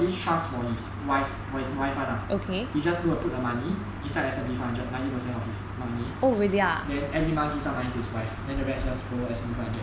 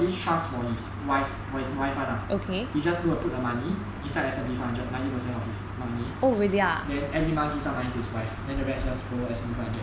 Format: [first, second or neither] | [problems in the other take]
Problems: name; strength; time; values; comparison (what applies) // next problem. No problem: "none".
first | background sound (Engine); 17 dB below the speech